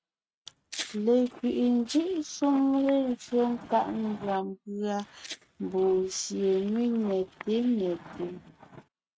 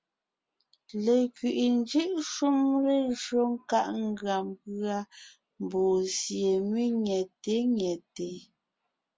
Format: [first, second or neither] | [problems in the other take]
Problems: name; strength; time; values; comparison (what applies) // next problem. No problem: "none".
second | noise reduction (neural mask model RNNoise)